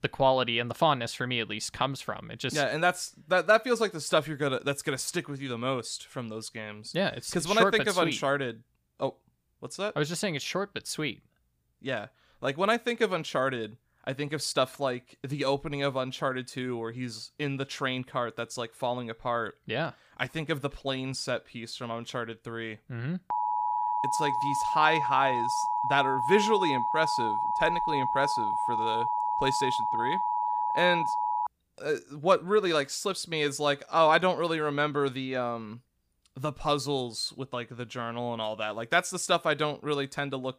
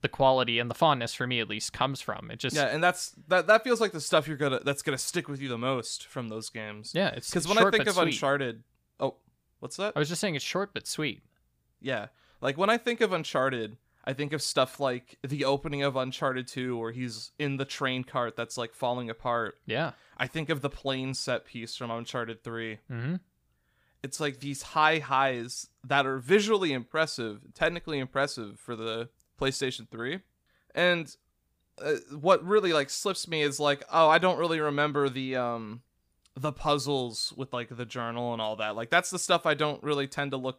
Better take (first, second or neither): second